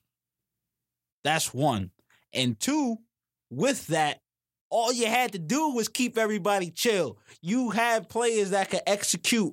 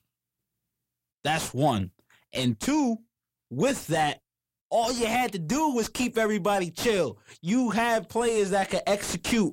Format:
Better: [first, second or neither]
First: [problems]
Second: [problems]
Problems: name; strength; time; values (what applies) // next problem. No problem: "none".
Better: first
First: none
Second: distortion; slight; 10 dB below the speech